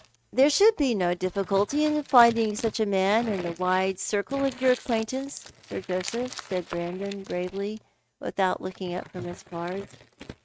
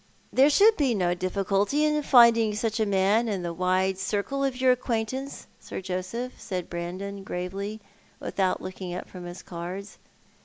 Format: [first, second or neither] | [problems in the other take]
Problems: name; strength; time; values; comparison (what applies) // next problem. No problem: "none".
second | noise reduction (neural mask model RNNoise)